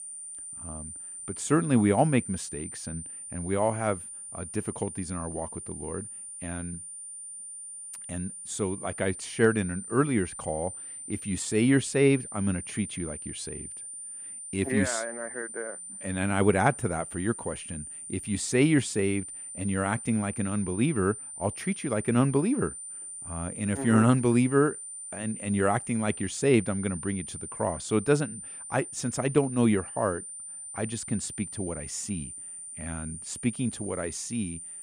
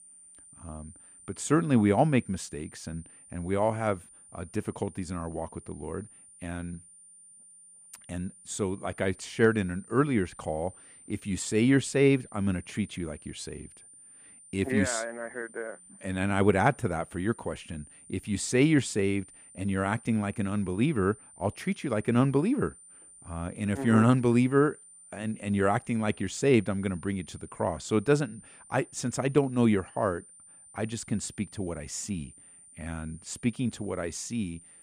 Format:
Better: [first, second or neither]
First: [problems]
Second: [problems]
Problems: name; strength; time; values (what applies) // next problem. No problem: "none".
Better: second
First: high-pitched whine; loud; throughout; 9 kHz, 9 dB below the speech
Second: high-pitched whine; faint; throughout; 9 kHz, 20 dB below the speech